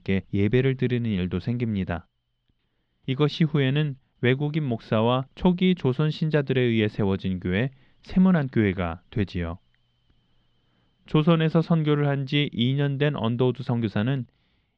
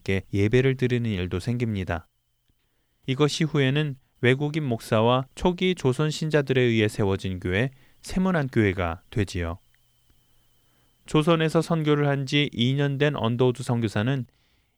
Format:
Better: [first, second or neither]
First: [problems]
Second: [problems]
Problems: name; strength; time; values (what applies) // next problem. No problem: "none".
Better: second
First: muffled; very slightly; fading above 4 kHz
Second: none